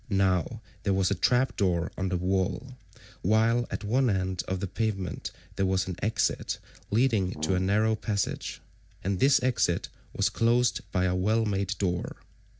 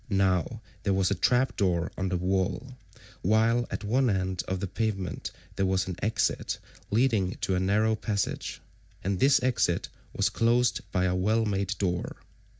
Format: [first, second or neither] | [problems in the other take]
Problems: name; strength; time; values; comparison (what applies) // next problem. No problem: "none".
second | background sound (Brass instrument); 13 dB below the speech